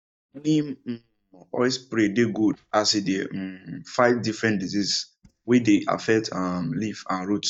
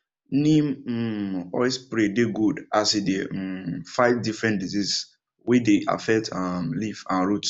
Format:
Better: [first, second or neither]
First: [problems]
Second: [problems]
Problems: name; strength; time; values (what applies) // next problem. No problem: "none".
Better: second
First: noise reduction (neural mask model DeepFilterNet 3)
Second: none